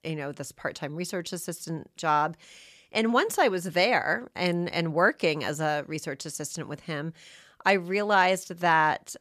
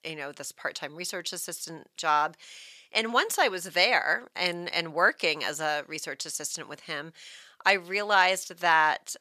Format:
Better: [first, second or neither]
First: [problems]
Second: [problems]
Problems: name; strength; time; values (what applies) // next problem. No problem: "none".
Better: first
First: none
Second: thin; somewhat; fading below 950 Hz